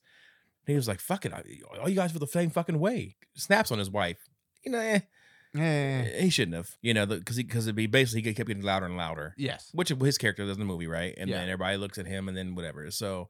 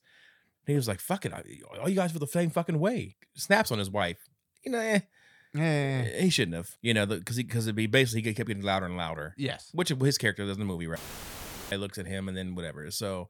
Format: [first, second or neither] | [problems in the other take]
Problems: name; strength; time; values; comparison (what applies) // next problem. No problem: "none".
first | audio cutting out; filled with static; at 11 s for 1 s